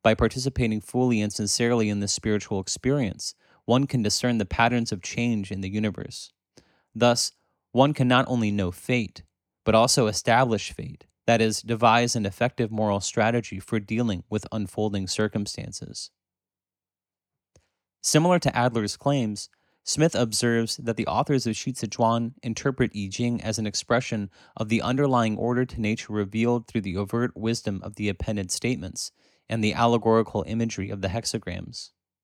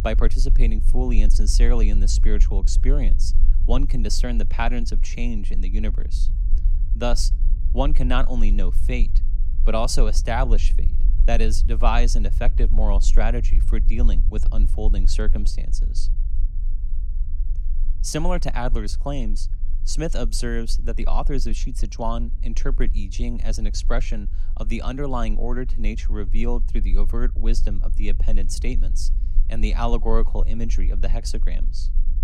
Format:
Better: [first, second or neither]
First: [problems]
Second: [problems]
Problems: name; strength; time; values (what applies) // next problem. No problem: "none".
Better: first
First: none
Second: low rumble; noticeable; throughout; 20 dB below the speech